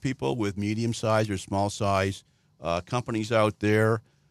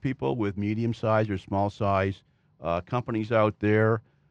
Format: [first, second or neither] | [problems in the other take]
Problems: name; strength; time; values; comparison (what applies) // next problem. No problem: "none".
first | muffled; slightly; fading above 2.5 kHz